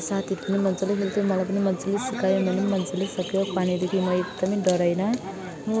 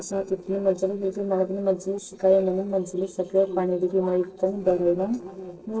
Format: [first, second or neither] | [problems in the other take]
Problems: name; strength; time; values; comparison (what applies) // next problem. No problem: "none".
first | noise reduction (neural separator model SepFormer DNS4)